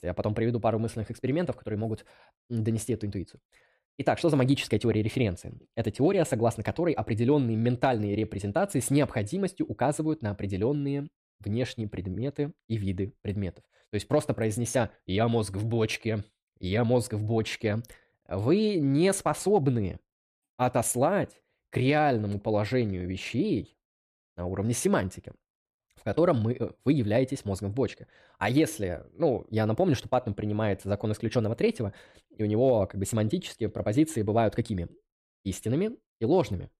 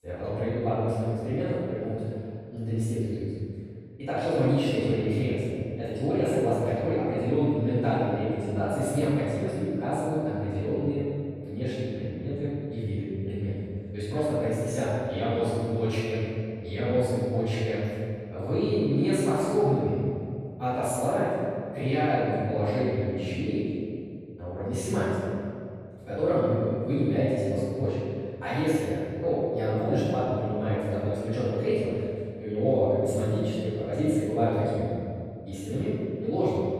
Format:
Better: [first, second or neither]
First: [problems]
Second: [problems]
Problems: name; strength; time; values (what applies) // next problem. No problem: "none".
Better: first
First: none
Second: off-mic speech; far // room echo; strong; dies away in 2.2 s